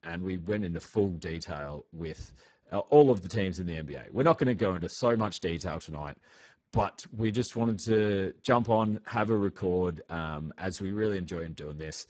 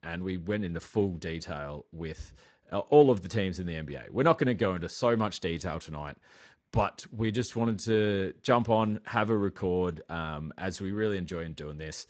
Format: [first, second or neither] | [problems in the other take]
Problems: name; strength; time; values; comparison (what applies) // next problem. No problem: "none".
second | garbled, watery; badly; nothing above 7.5 kHz; slightly in the second